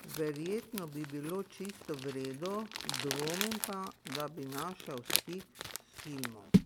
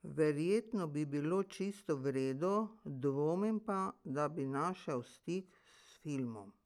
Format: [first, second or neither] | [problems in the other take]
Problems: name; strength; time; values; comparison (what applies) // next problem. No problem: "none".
second | background sound (Crumpling, crinkling); 2 dB above the speech